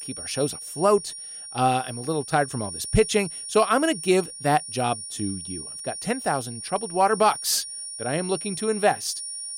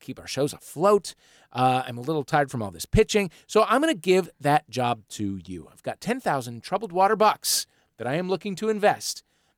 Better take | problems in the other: second | high-pitched whine; loud; throughout; 9.5 kHz, 9 dB below the speech

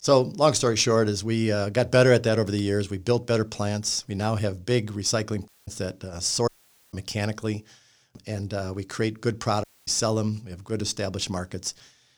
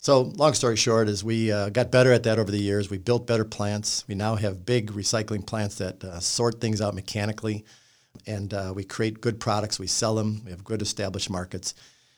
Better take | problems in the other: second | audio cutting out; at 5.5 s, at 6.5 s and at 9.5 s

